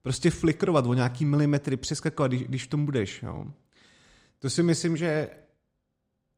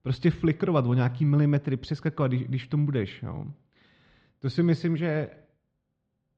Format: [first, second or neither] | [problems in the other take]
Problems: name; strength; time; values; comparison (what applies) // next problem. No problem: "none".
first | muffled; slightly; fading above 4 kHz